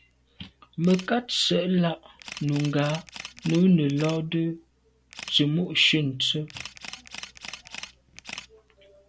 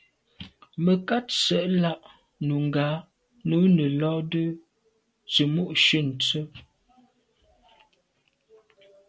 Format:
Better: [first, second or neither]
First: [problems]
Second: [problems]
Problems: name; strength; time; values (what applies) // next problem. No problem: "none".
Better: second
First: background sound (Camera); 17 dB below the speech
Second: none